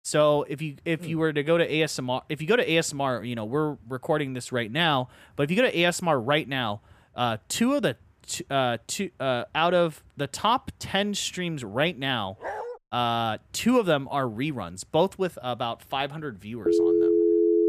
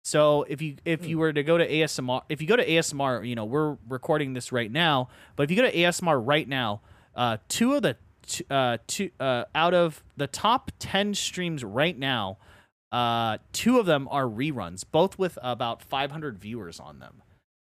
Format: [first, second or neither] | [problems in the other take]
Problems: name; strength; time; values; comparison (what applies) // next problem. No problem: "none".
second | dog barking; noticeable; at 12 s; peak 8 dB below the speech // phone ringing; loud; from 17 s on; peak 5 dB above the speech